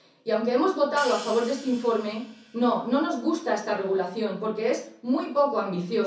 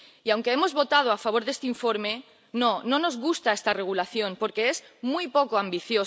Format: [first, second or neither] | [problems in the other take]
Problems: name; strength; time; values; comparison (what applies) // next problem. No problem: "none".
second | background sound (Hi-hat); 19 dB below the speech // room echo; dies away in 0.6 s